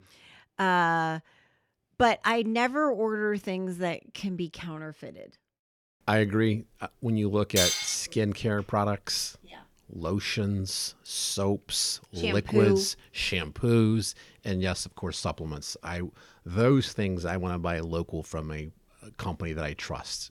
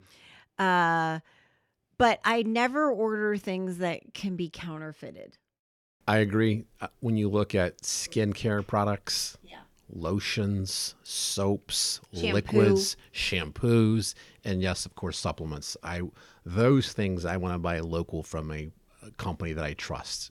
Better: second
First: clattering dishes; loud; at 7.5 s; peak 4 dB above the speech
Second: none

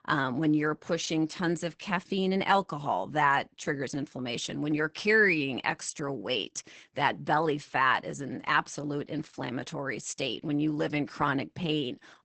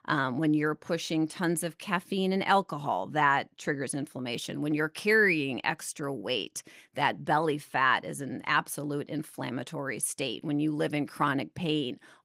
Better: second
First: garbled, watery; badly; nothing above 8 kHz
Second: garbled, watery; slightly; nothing above 15.5 kHz

